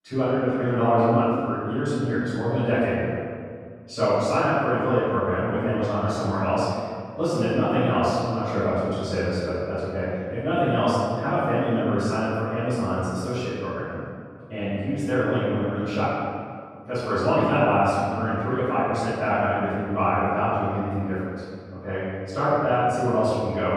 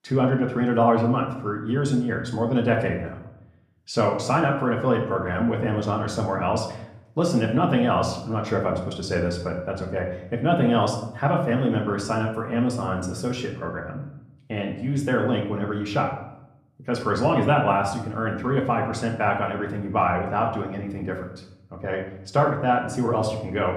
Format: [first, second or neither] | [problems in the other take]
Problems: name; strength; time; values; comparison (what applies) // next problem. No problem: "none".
second | room echo; strong; dies away in 1.8 s; slight in the second // off-mic speech; far; somewhat distant in the second